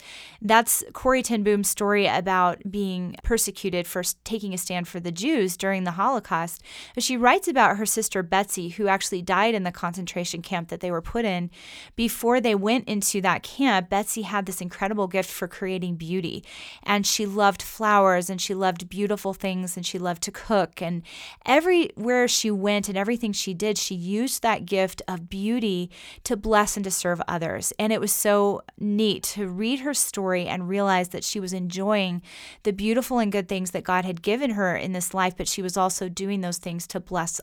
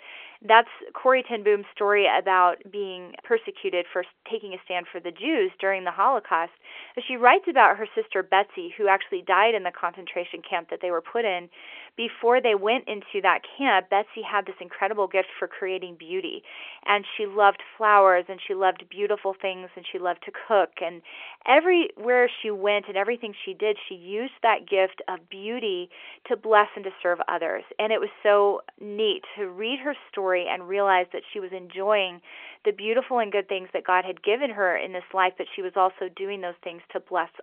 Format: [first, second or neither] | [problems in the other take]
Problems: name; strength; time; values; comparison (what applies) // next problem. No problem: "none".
first | phone-call audio; nothing above 3.5 kHz